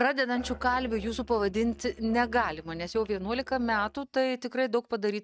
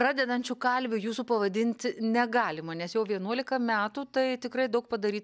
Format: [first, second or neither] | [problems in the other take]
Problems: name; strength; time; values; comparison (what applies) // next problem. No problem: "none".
second | noise reduction (neural mask model RNNoise)